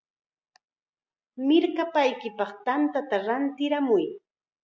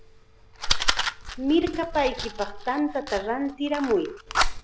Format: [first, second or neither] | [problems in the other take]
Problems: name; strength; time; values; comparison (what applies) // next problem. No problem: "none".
first | background sound (Fire); 1 dB below the speech